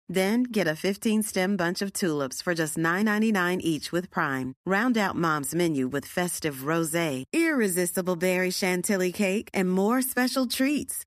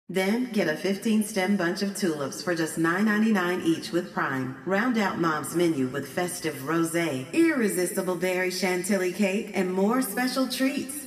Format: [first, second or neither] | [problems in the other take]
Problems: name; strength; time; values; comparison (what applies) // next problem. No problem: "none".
first | room echo; slight; dies away in 1.5 s // off-mic speech; somewhat distant